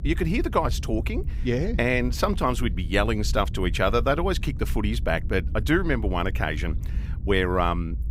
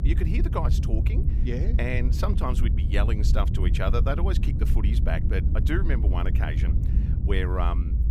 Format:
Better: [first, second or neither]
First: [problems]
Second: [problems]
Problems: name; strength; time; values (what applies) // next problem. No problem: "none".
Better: first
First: low rumble; faint; throughout; 20 dB below the speech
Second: low rumble; loud; throughout; 8 dB below the speech